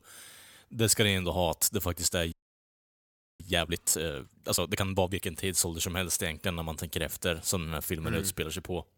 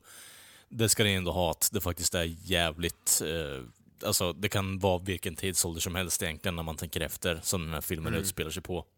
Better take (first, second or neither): second